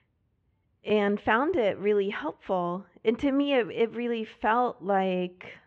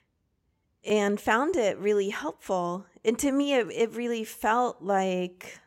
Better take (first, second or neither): second